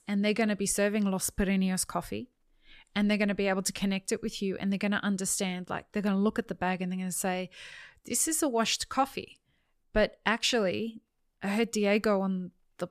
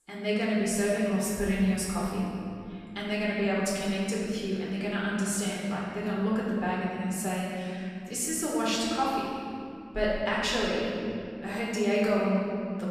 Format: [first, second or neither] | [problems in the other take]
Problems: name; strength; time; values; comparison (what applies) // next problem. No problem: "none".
first | room echo; strong; dies away in 2.5 s // off-mic speech; far